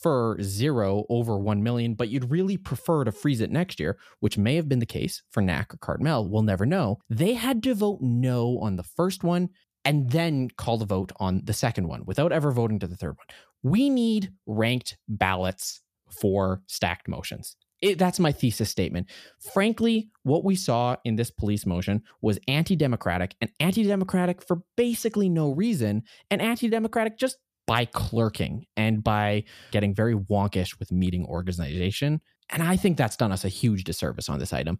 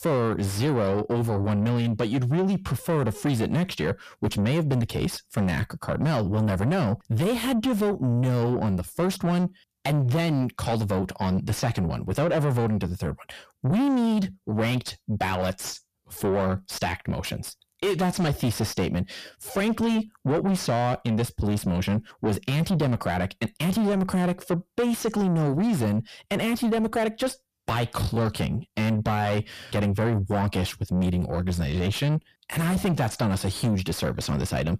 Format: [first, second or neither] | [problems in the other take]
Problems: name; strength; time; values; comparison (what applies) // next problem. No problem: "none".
first | distortion; heavy; 7 dB below the speech